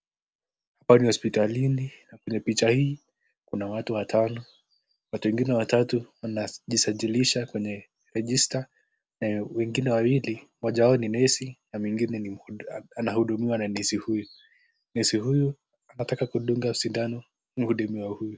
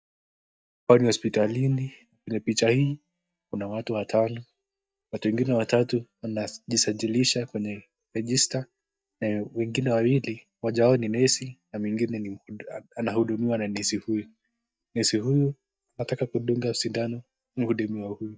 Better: first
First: none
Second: noise reduction (neural mask model DeepFilterNet 3)

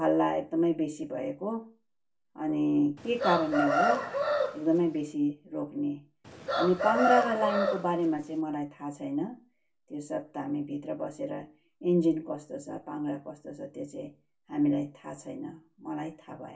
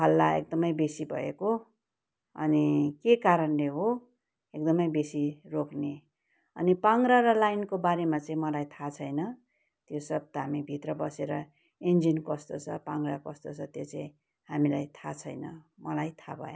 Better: second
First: background sound (Chicken, rooster); 1 dB above the speech // room echo; dies away in 0.2 s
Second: none

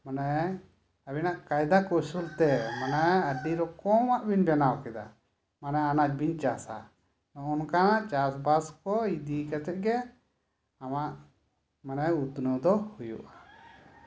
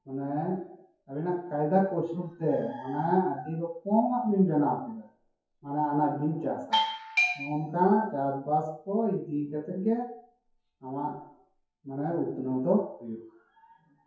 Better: first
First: none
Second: noise reduction (classical method WPE with log-MMSE)

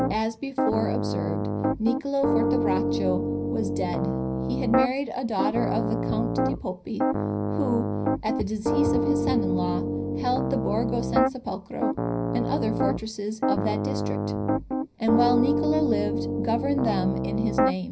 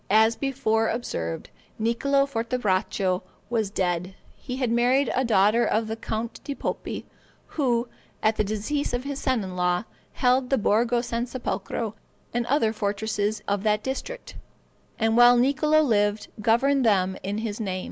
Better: second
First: background sound (Piano); 3 dB above the speech // room echo; dies away in 0.4 s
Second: none

